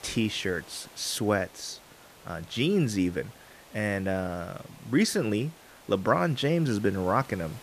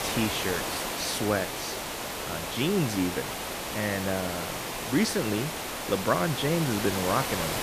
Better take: first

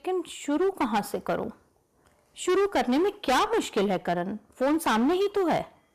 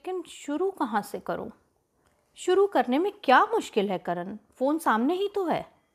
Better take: second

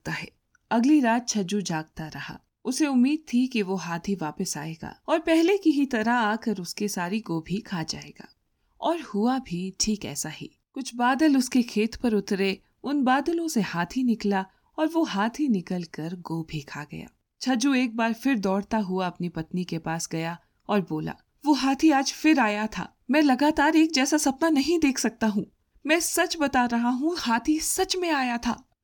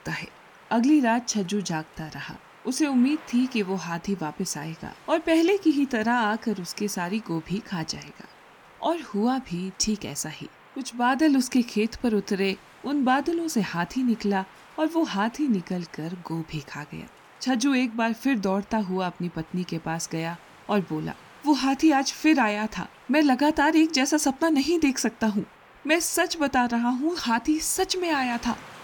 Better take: first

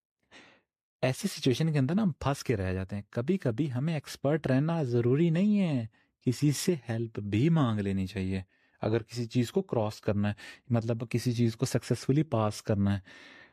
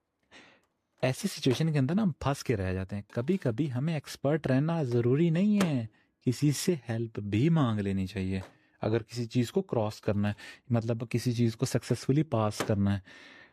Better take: first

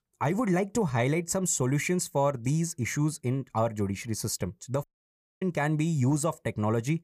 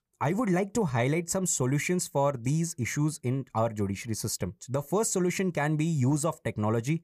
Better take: second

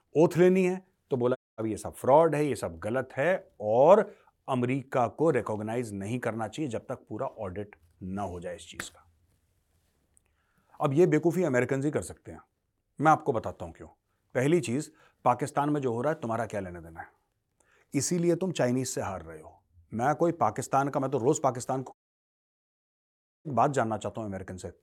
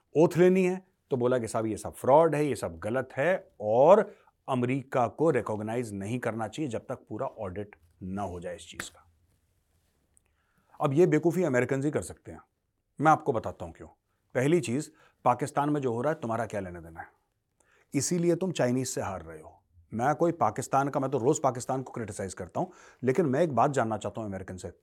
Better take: second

